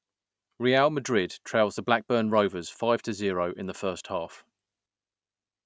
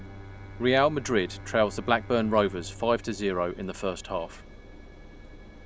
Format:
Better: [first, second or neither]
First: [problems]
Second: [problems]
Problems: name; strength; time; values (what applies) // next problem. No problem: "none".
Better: first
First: none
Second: background sound (Bowed string instrument + Engine); 14 dB below the speech